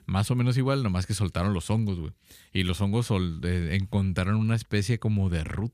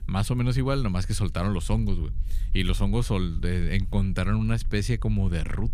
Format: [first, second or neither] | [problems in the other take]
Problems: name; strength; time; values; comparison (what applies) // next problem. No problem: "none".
first | low rumble; faint; throughout; 25 dB below the speech